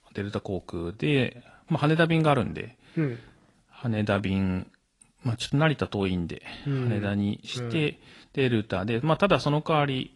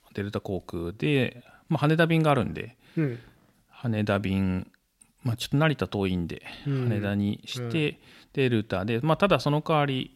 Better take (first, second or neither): second